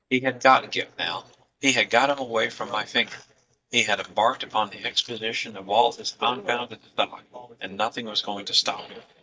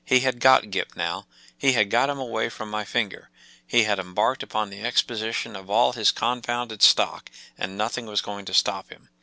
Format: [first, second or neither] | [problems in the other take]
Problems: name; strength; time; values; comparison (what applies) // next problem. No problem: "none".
second | noise reduction (neural mask model DeepFilterNet 3)